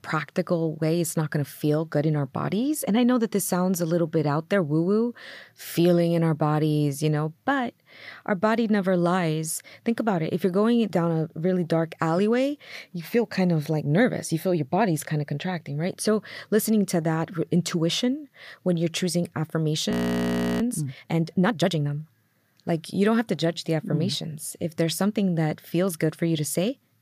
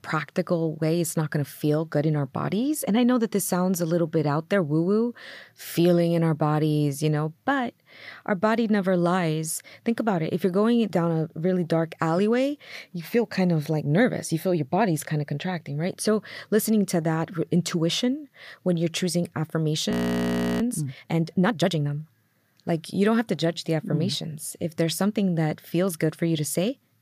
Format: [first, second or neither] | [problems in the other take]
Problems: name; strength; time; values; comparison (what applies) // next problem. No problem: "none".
neither | audio freezing; at 20 s for 0.5 s; the same in both